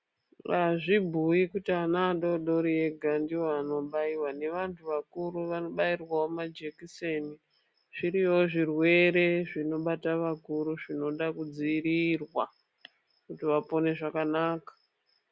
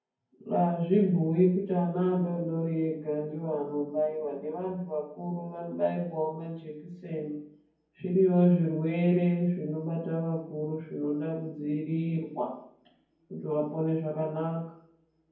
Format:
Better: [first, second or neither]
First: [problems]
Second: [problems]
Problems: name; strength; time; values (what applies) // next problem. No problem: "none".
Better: first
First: none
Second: room echo; dies away in 0.9 s